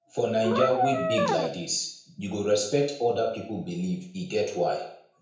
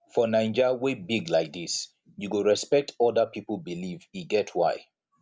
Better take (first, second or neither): second